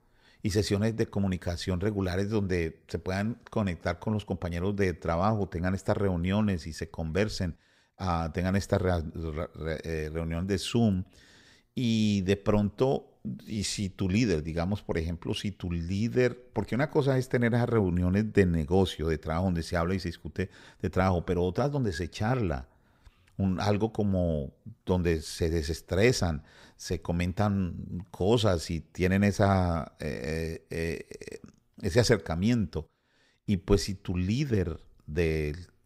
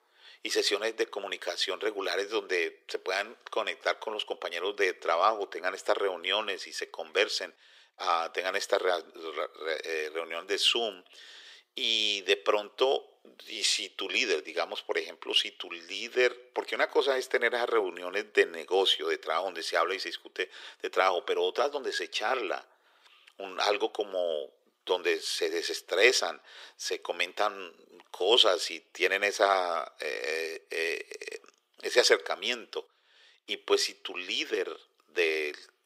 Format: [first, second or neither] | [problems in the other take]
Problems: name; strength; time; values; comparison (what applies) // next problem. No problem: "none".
first | thin; very; fading below 350 Hz